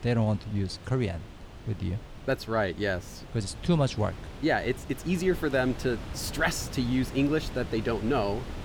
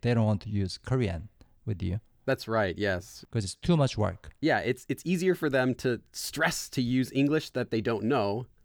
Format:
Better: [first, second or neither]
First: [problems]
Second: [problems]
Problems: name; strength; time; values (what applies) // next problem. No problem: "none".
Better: second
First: wind noise on the microphone; occasional gusts; 15 dB below the speech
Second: none